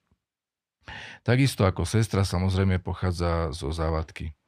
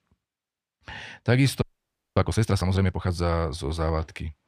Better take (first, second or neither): first